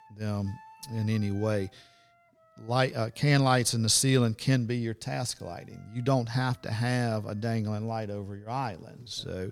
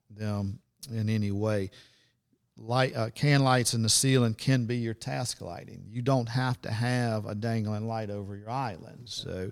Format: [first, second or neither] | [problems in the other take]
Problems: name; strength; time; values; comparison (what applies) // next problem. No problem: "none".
second | background music; faint; throughout; 30 dB below the speech